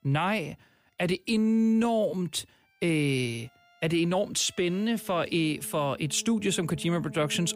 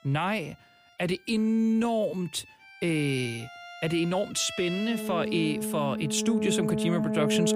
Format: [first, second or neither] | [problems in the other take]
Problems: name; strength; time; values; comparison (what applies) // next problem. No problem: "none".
first | background music; loud; throughout; 4 dB below the speech; faint in the first